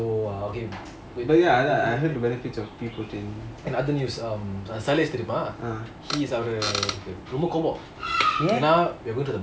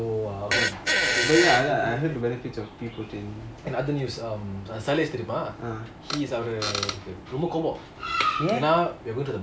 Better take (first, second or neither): first